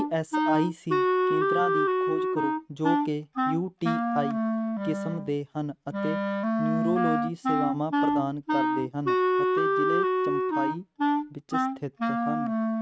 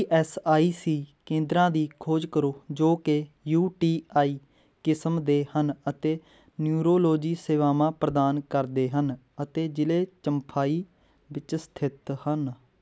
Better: second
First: noise reduction (neural mask model RNNoise)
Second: none

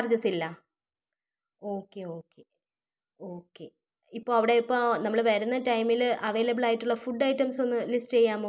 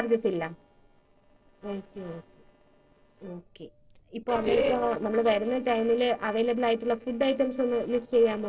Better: first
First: none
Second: noise reduction (neural separator model SepFormer DNS4)

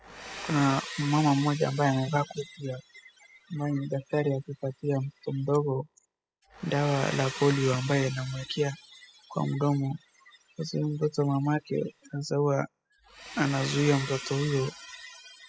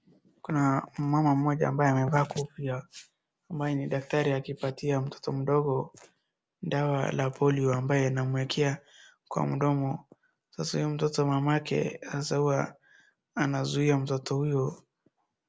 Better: second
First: noise reduction (classical method spectral subtraction)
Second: none

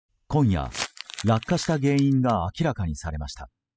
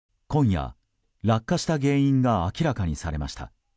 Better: second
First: noise reduction (classical method spectral subtraction)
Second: none

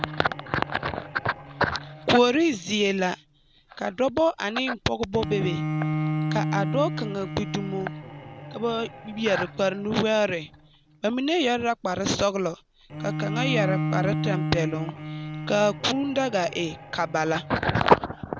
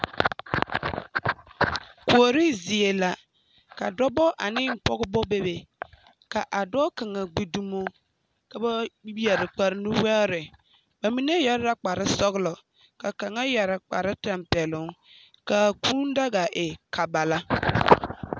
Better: second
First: background sound (Bowed string instrument); 7 dB below the speech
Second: none

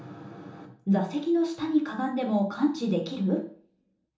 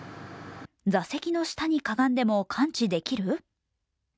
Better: second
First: room echo; dies away in 1.2 s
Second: none

